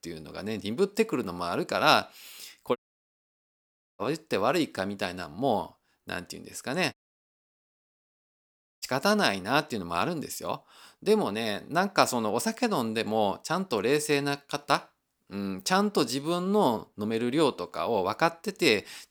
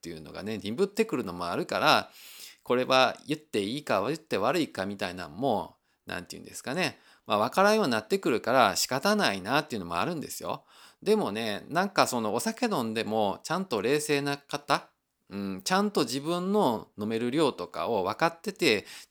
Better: second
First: audio cutting out; at 3 s for 1 s and at 7 s for 2 s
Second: none

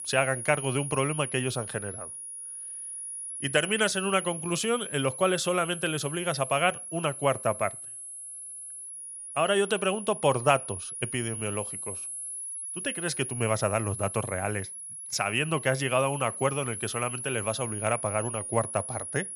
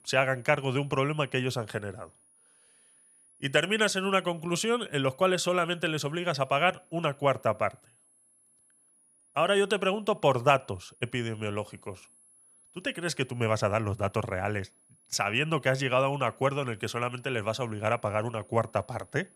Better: second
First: high-pitched whine; loud; throughout; 10.5 kHz, 7 dB below the speech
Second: high-pitched whine; faint; throughout; 10.5 kHz, 30 dB below the speech

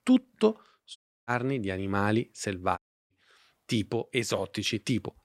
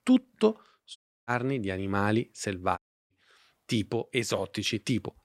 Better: neither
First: audio cutting out; at 1 s and at 3 s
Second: audio cutting out; at 1 s and at 3 s

